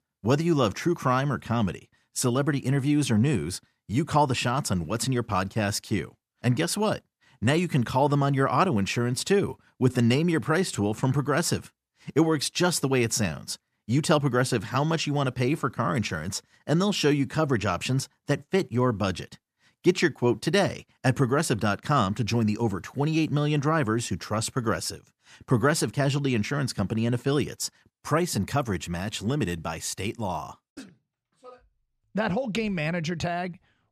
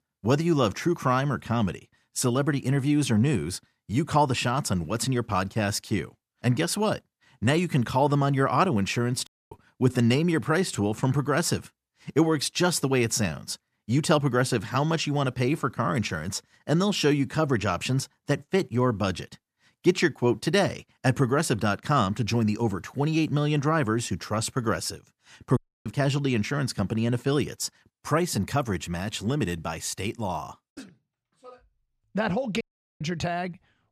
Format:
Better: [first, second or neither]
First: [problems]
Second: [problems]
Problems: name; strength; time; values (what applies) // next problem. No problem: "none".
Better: first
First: none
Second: audio cutting out; at 9.5 s, at 26 s and at 33 s